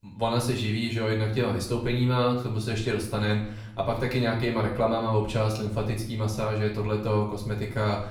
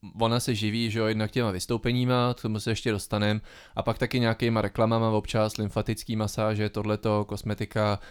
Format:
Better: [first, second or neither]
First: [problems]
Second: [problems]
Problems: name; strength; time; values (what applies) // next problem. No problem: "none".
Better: second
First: off-mic speech; far // room echo; slight; dies away in 0.6 s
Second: none